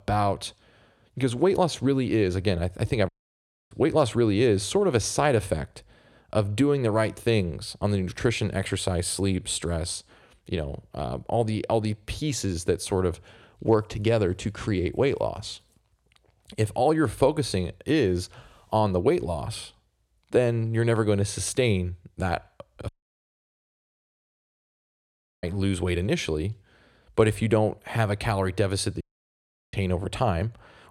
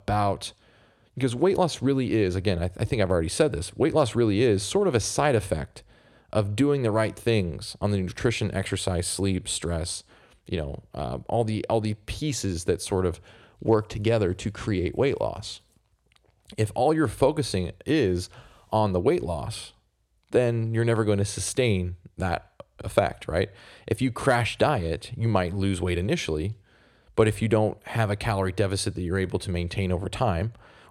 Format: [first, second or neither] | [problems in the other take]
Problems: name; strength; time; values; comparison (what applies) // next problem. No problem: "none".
second | audio cutting out; at 3 s for 0.5 s, at 23 s for 2.5 s and at 29 s for 0.5 s